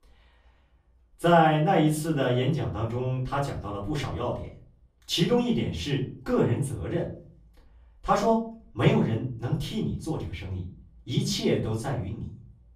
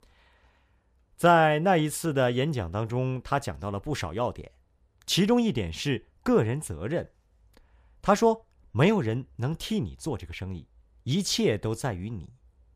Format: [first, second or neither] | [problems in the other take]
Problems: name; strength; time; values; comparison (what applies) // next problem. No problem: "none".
second | room echo; slight; dies away in 0.4 s // off-mic speech; far